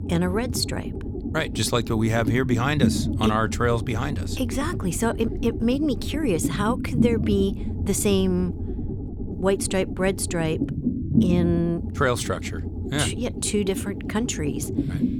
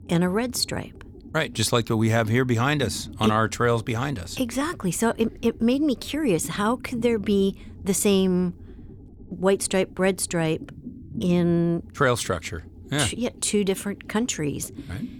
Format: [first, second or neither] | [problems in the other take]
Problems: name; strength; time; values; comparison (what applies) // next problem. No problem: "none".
second | low rumble; loud; throughout; 8 dB below the speech; faint in the second